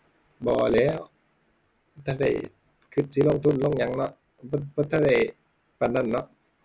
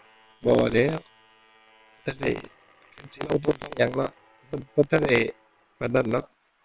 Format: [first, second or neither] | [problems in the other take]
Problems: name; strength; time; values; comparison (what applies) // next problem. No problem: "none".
first | noise reduction (neural separator model SepFormer WHAM!)